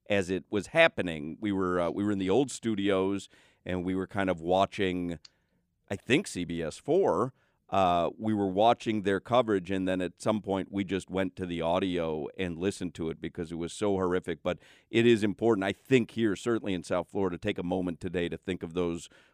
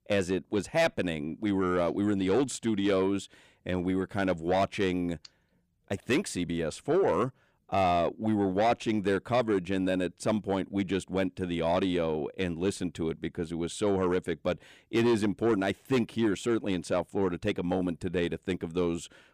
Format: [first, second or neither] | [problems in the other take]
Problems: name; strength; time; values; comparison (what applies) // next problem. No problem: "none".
first | distortion; slight; 10 dB below the speech